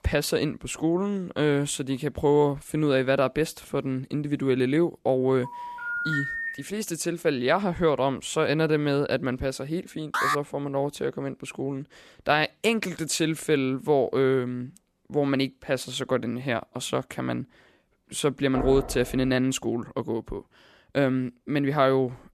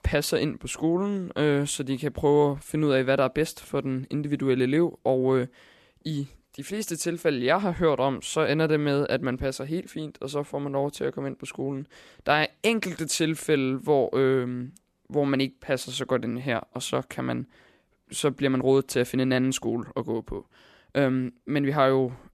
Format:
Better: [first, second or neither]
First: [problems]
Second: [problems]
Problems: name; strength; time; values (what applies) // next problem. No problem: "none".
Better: second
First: phone ringing; noticeable; from 5.5 to 6.5 s; peak 1 dB below the speech // alarm; loud; at 10 s; peak level with the speech // door banging; noticeable; at 19 s; peak 7 dB below the speech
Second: none